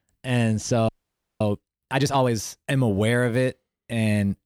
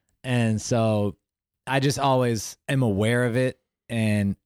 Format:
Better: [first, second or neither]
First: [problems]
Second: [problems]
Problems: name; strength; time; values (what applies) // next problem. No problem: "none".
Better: second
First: audio freezing; at 1 s for 0.5 s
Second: none